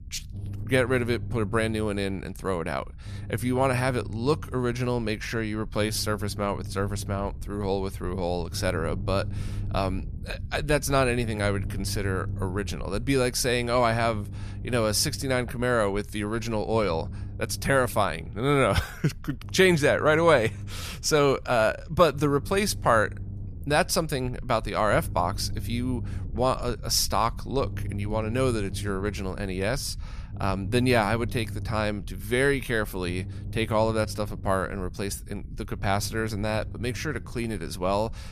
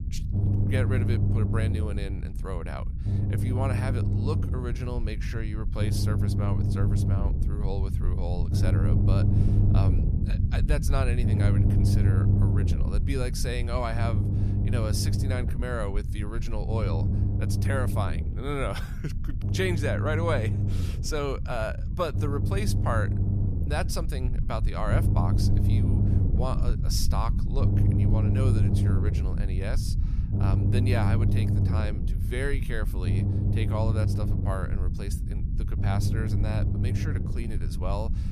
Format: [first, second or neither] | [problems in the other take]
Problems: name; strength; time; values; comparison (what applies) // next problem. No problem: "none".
first | low rumble; loud; throughout; 4 dB below the speech; faint in the first